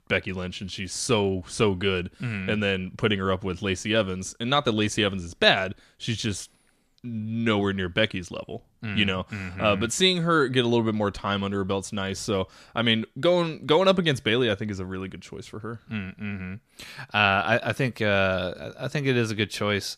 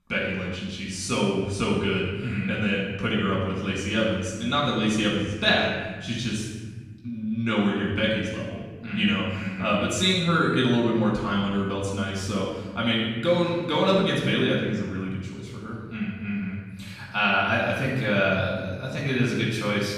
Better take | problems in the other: first | off-mic speech; far // room echo; noticeable; dies away in 1.4 s

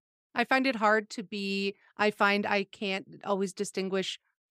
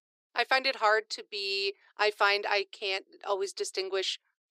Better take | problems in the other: first | thin; very; fading below 350 Hz

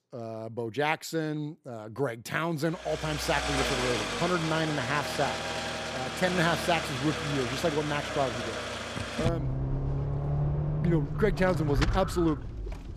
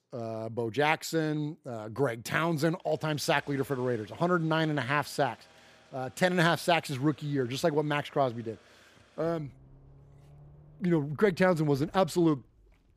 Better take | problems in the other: second | traffic noise; loud; from 3.5 s on; 2 dB below the speech; faint in the second

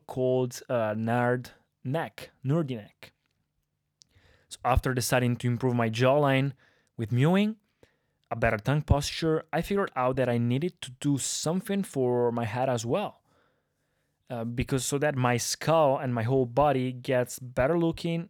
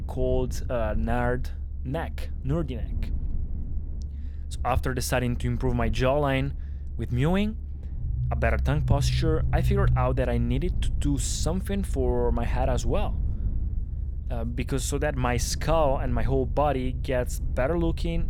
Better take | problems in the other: first | low rumble; noticeable; throughout; 20 dB below the speech

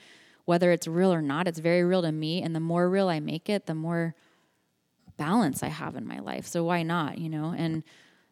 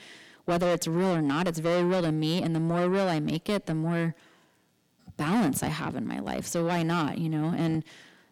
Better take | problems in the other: first | distortion; heavy; 7 dB below the speech

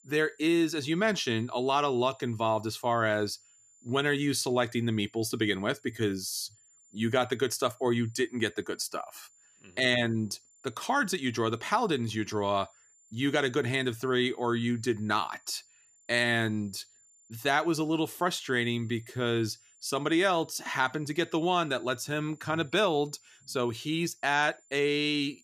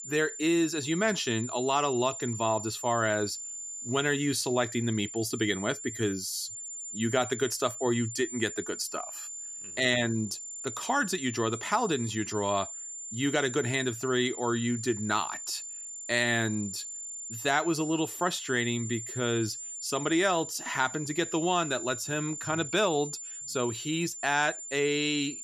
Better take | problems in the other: first | high-pitched whine; loud; throughout; 7 kHz, 8 dB below the speech; faint in the first

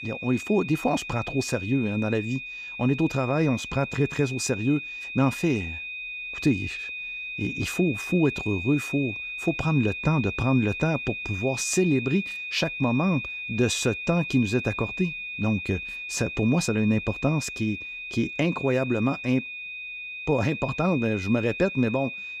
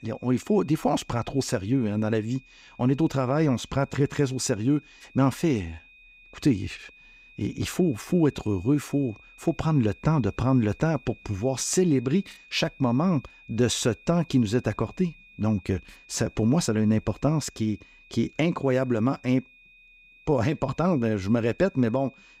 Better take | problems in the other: second | high-pitched whine; loud; throughout; 2.5 kHz, 7 dB below the speech; faint in the second

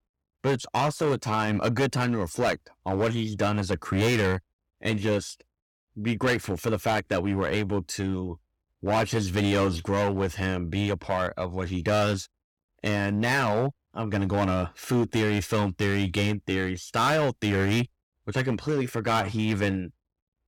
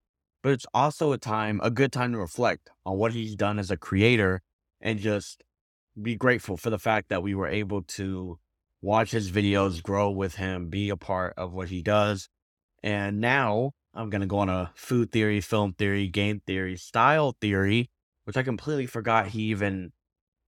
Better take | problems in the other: second | distortion; heavy; 10% of the sound clipped

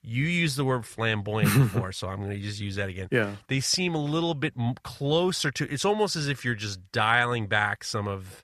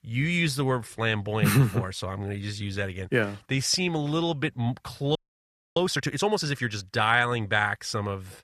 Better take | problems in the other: first | audio freezing; at 5 s for 0.5 s

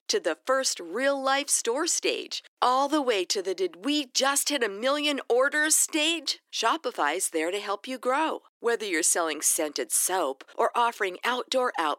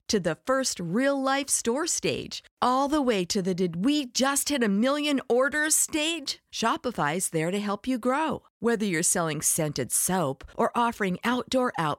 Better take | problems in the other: second | thin; somewhat; fading below 300 Hz

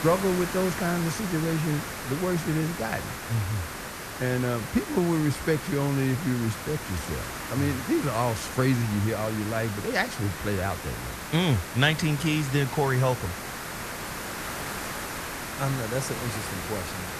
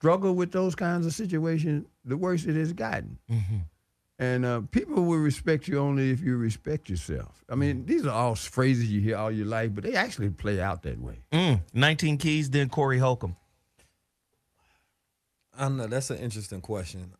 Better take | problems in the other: second | hiss; loud; throughout; 6 dB below the speech

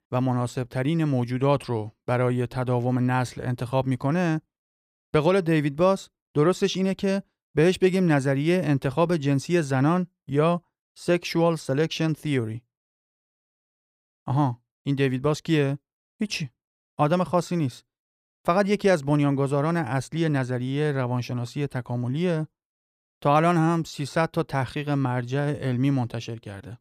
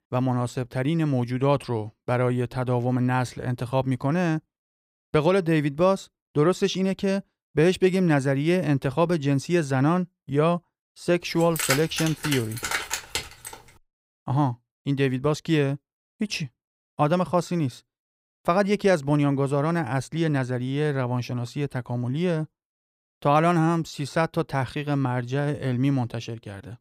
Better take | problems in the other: first | jangling keys; noticeable; from 11 to 14 s; peak level with the speech

